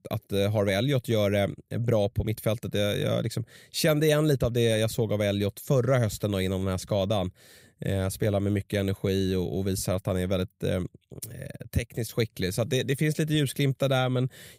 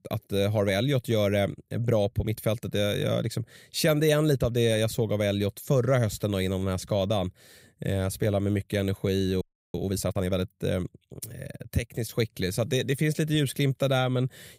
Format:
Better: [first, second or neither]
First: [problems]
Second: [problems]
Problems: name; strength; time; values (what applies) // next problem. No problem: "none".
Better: first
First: none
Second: audio freezing; at 9.5 s